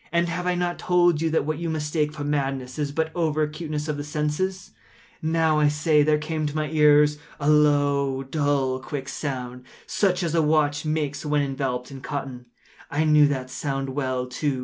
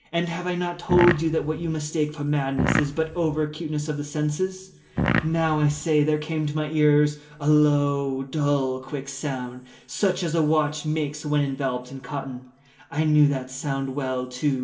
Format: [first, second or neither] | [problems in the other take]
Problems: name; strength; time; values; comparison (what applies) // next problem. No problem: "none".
first | background sound (Fart); 2 dB below the speech // room echo; dies away in 1.2 s